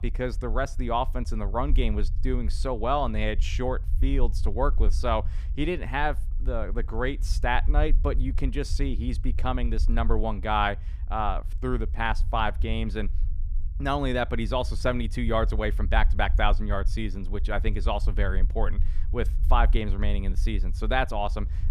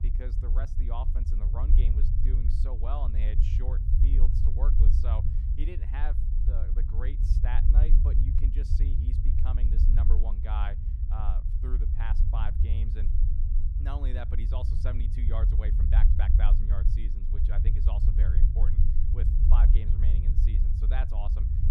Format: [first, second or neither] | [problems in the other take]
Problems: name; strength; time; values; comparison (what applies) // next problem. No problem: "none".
first | low rumble; loud; throughout; 2 dB below the speech; faint in the first